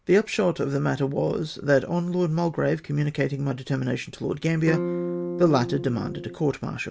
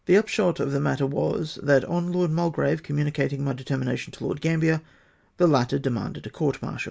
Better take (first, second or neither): second